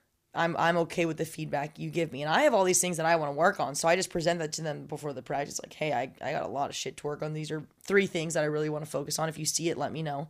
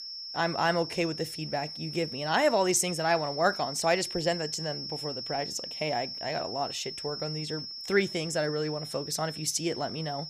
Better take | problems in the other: first | high-pitched whine; loud; throughout; 5.5 kHz, 6 dB below the speech

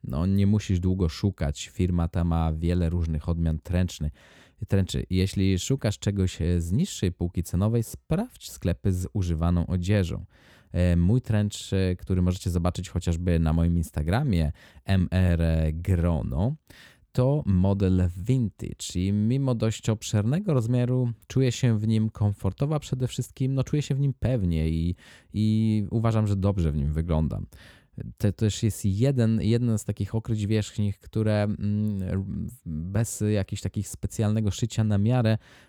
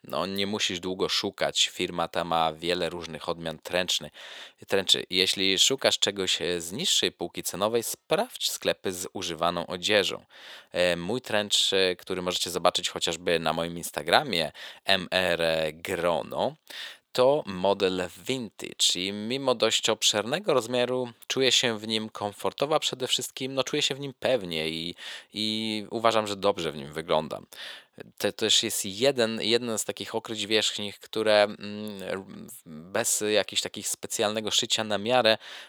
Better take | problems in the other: first | thin; very; fading below 600 Hz

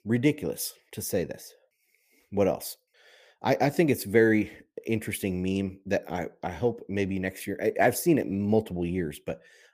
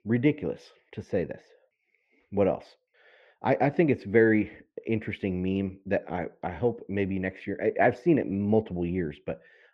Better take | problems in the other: first | muffled; very; fading above 2.5 kHz

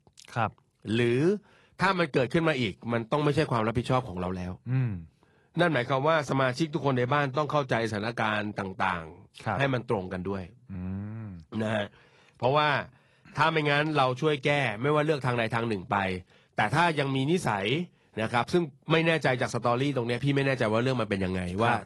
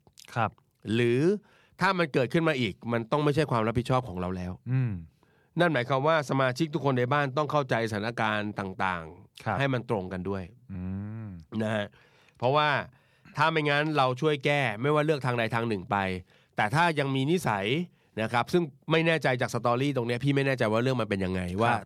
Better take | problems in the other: second | garbled, watery; slightly

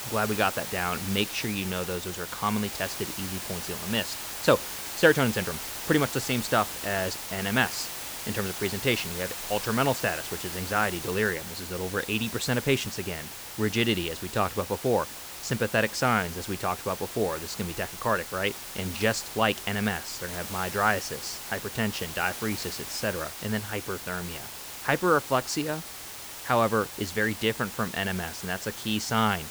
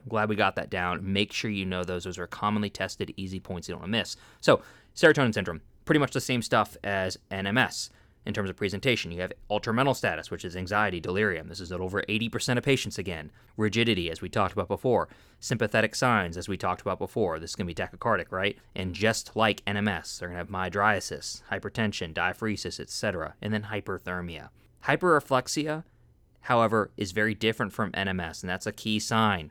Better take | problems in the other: second | hiss; loud; throughout; 7 dB below the speech

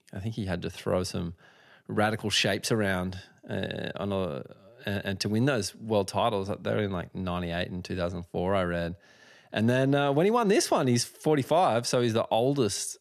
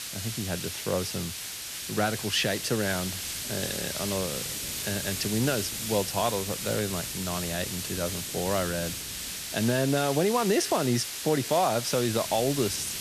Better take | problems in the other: first | hiss; loud; throughout; 4 dB below the speech

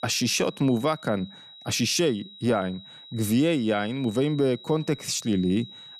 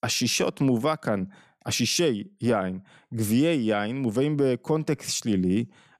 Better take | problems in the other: second | high-pitched whine; noticeable; throughout; 4 kHz, 20 dB below the speech

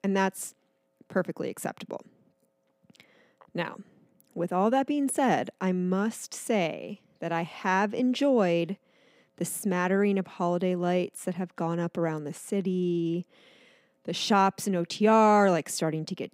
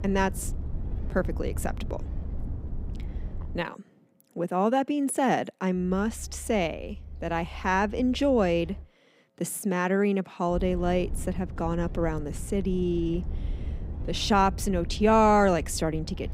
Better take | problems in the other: first | low rumble; faint; until 3.5 s, from 6 to 9 s and from 11 s on; 25 dB below the speech

